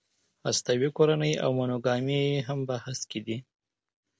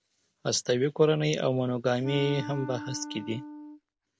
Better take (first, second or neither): first